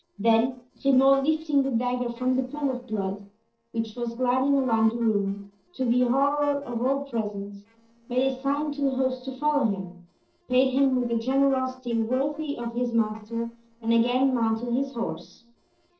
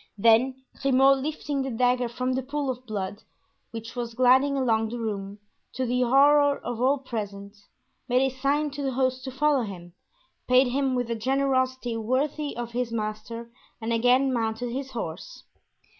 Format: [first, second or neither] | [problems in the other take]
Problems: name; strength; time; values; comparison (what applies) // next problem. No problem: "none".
second | noise reduction (neural separator model SepFormer DNS4)